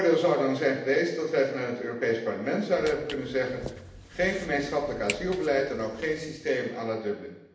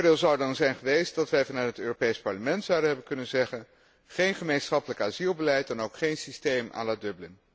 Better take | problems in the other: second | background sound (Walk, footsteps); 15 dB below the speech // room echo; dies away in 0.8 s

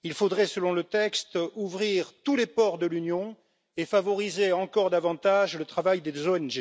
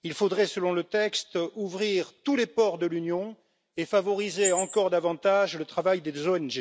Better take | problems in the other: first | background sound (Chirp, tweet); 9 dB below the speech

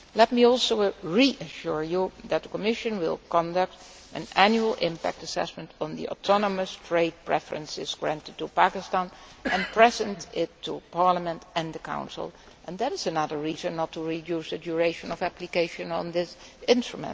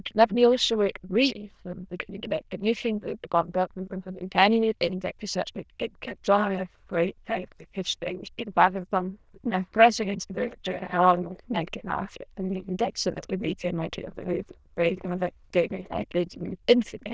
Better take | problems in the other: first | noise reduction (neural diffusion model UNIVERSE++)

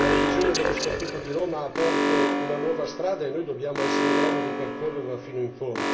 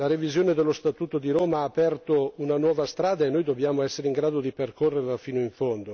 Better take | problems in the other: second | background sound (Alarm); 2 dB above the speech // room echo; dies away in 0.7 s

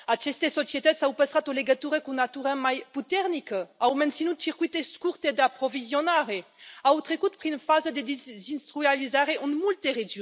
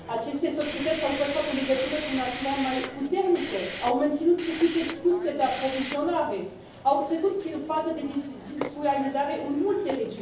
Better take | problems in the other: first | background sound (Hiss); 12 dB below the speech // room echo; dies away in 0.7 s

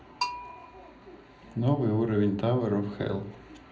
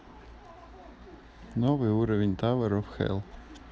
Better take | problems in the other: second | background sound (Bell); 13 dB below the speech // room echo; dies away in 0.5 s

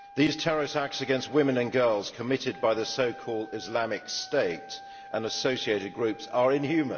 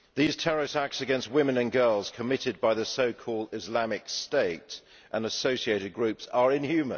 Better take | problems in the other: second | background sound (Wind instrument, woodwind instrument); 19 dB below the speech // room echo; dies away in 2 s

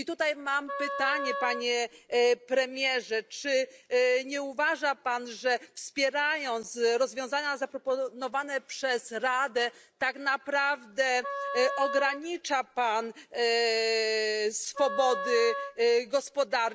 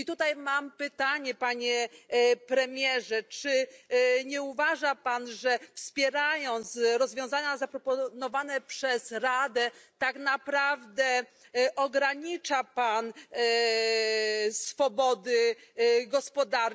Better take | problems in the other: second | background sound (Wind instrument, woodwind instrument); 8 dB below the speech

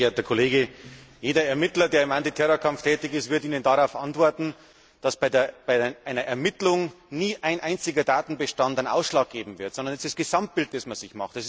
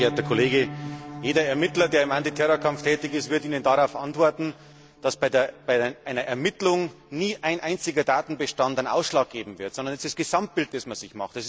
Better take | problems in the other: first | background sound (Piano); 16 dB below the speech

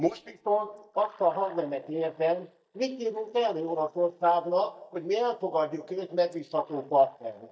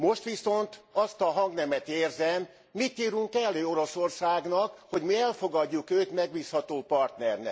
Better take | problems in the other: second | noise reduction (neural mask model DeepFilterNet 3)

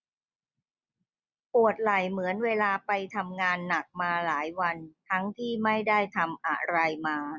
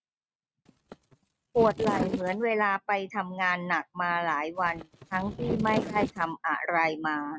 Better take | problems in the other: first | noise reduction (neural mask model RNNoise)

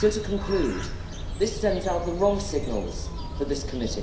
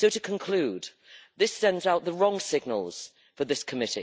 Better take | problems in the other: second | background sound (Bird); 5 dB below the speech // room echo; dies away in 0.7 s

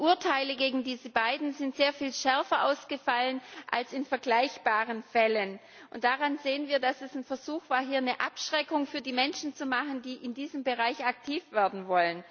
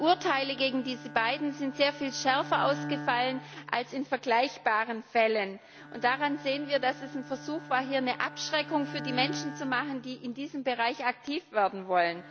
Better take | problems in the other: first | background sound (Bowed string instrument); 14 dB below the speech

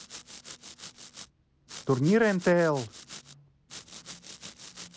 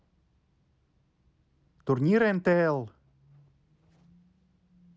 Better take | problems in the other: second | background sound (Domestic sounds, home sounds); 16 dB below the speech

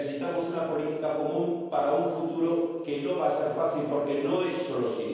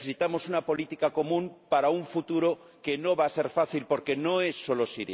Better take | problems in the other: second | room echo; dies away in 1.2 s

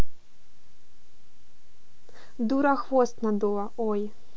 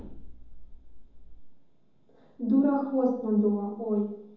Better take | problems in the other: first | room echo; dies away in 0.9 s

